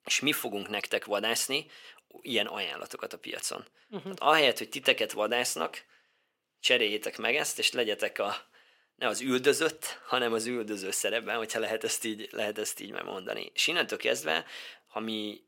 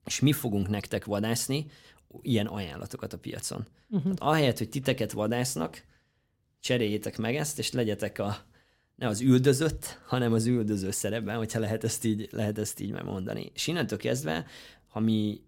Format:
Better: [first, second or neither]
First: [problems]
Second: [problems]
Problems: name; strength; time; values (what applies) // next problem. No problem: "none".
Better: second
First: thin; somewhat; fading below 500 Hz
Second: none